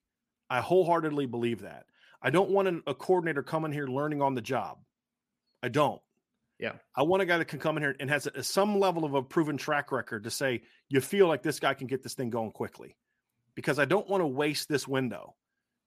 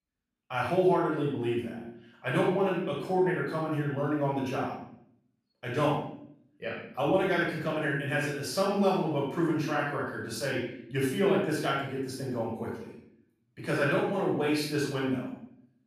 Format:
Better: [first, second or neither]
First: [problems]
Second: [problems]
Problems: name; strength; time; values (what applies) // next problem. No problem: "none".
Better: first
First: none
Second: off-mic speech; far // room echo; noticeable; dies away in 0.6 s